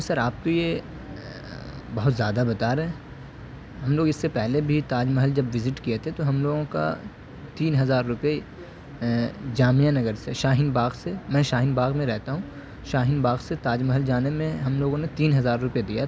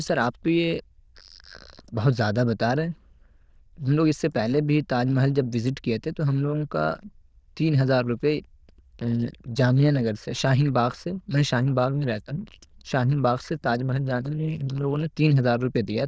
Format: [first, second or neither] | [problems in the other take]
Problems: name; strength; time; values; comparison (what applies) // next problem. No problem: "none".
first | noise reduction (neural diffusion model UNIVERSE++)